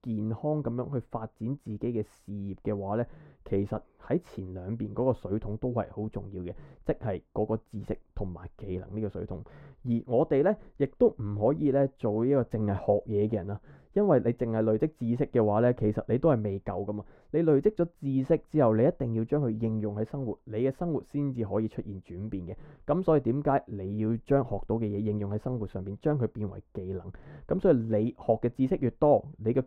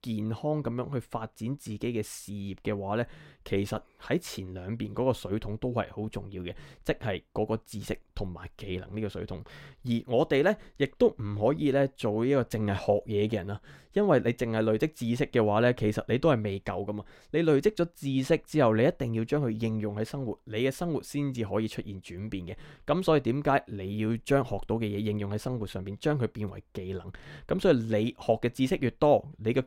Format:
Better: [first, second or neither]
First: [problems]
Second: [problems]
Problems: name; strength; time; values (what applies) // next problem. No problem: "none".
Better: second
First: muffled; very; fading above 2 kHz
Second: none